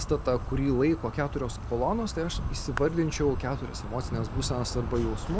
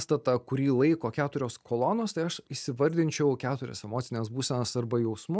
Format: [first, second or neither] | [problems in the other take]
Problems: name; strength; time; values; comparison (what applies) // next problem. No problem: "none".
second | background sound (Insect); 5 dB below the speech